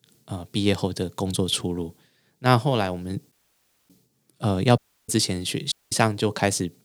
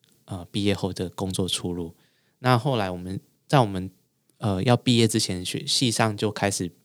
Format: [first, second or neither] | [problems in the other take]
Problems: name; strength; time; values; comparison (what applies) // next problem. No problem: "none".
second | audio cutting out; at 3.5 s for 0.5 s, at 5 s and at 5.5 s